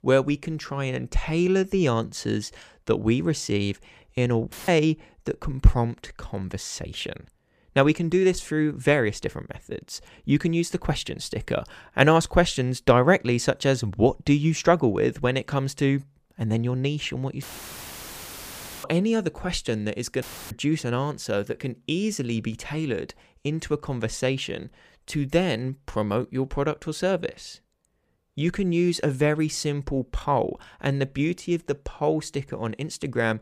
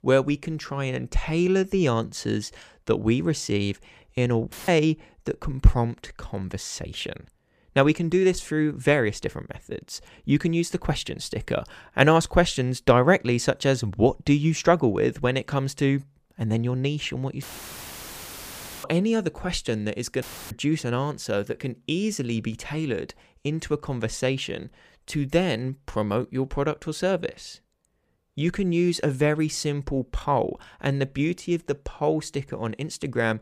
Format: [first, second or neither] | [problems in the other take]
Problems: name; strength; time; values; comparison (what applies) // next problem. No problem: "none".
neither | audio cutting out; filled with static; at 4.5 s, at 17 s for 1.5 s and at 20 s; the same in both